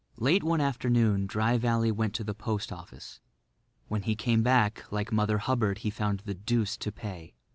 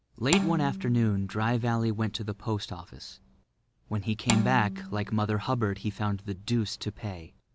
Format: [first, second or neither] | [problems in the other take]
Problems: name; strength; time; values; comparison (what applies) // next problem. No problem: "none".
first | background sound (Bowed string instrument); 8 dB below the speech